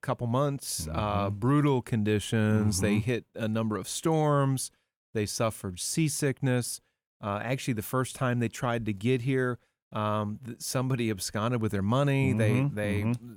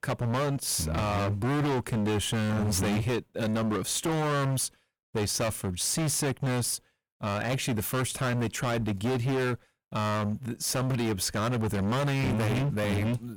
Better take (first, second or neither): first